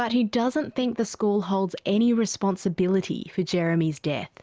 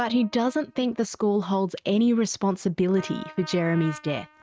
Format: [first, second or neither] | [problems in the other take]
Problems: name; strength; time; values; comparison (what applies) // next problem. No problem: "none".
first | noise reduction (neural mask model RNNoise)